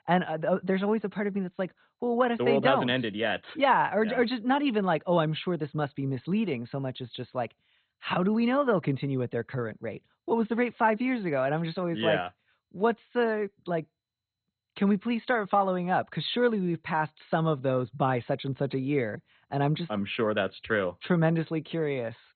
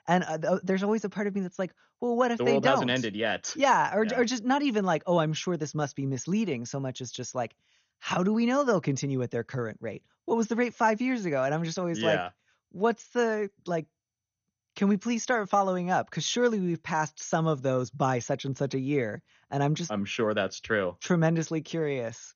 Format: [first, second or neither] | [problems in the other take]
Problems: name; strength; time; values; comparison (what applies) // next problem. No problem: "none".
second | garbled, watery; badly; nothing above 4 kHz; slightly in the second